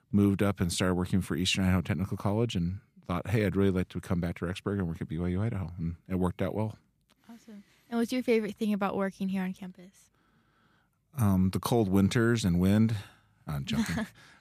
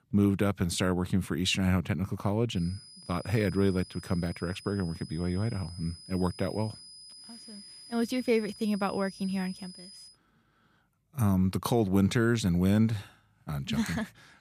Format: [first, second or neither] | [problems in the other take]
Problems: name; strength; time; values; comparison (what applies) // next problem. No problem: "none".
first | high-pitched whine; noticeable; from 2.5 to 10 s; 5 kHz, 15 dB below the speech